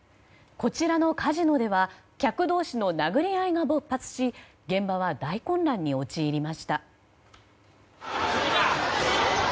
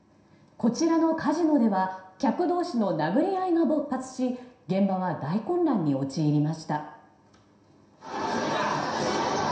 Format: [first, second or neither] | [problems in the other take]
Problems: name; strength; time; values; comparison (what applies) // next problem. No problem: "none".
first | room echo; dies away in 0.7 s